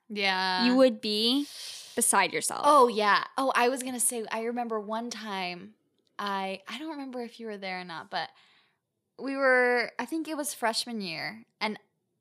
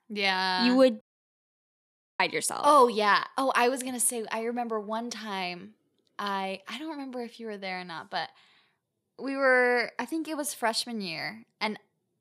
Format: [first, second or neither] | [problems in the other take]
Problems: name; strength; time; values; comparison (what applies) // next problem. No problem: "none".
first | audio cutting out; at 1 s for 1 s